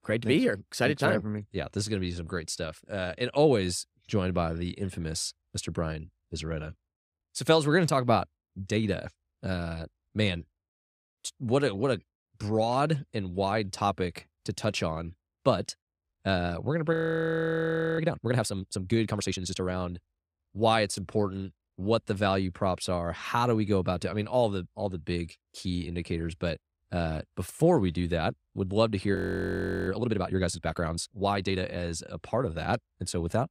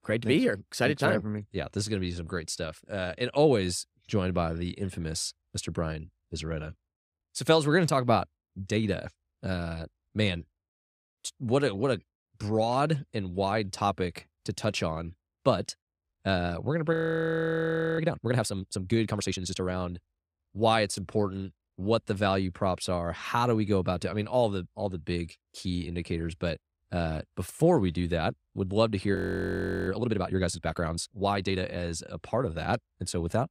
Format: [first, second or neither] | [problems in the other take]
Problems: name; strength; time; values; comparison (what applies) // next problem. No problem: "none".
neither | audio freezing; at 17 s for 1 s and at 29 s for 0.5 s; the same in both